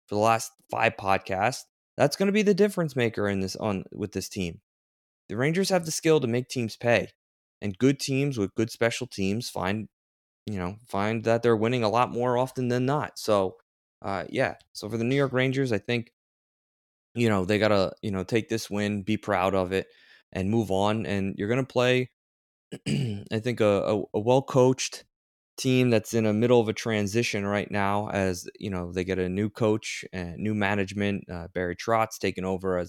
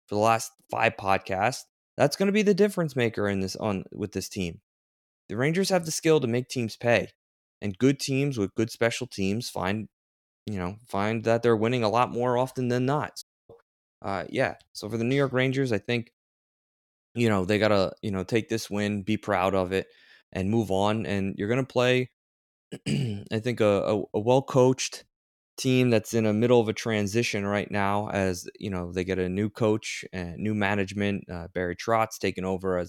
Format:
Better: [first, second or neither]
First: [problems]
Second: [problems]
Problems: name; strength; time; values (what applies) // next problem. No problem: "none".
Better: first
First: none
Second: audio cutting out; at 13 s